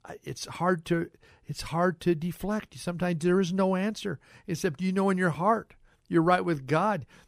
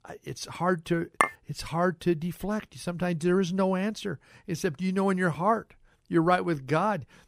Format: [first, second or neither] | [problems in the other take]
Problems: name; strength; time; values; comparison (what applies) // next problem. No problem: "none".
first | clattering dishes; loud; at 1 s; peak 1 dB above the speech